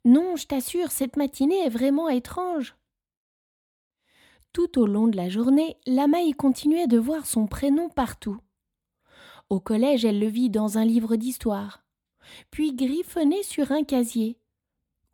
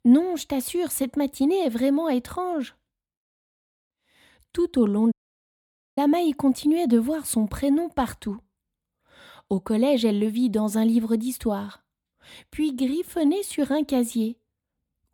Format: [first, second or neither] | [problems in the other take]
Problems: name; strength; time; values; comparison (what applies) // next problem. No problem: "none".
first | audio cutting out; at 5 s for 1 s